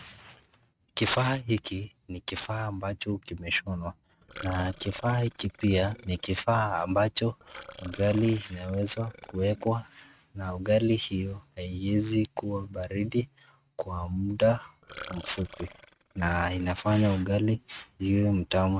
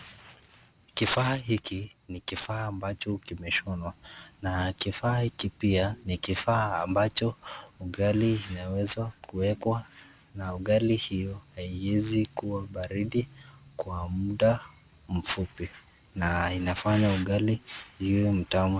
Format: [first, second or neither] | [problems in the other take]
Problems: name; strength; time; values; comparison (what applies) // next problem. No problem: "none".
second | noise reduction (neural mask model RNNoise)